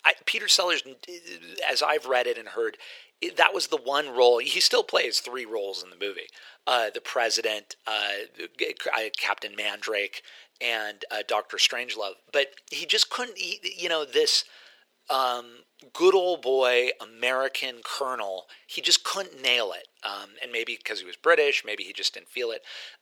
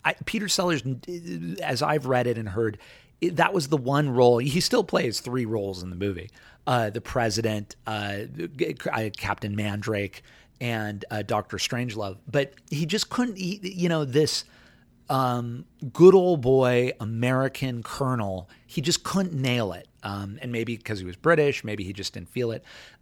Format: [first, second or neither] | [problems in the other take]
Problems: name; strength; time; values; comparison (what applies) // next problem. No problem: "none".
second | thin; very; fading below 450 Hz